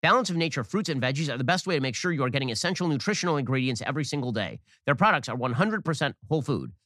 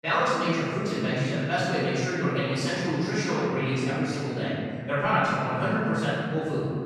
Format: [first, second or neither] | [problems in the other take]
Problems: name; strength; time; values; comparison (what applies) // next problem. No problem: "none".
first | off-mic speech; far // room echo; strong; dies away in 2.3 s